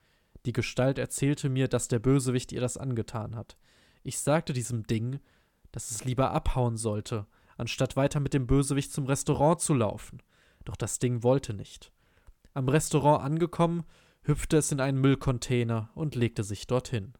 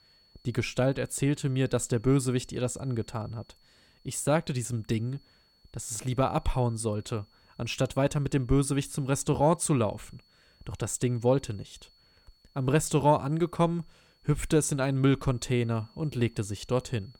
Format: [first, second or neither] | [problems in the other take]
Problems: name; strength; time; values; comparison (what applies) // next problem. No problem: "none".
first | high-pitched whine; faint; throughout; 4.5 kHz, 35 dB below the speech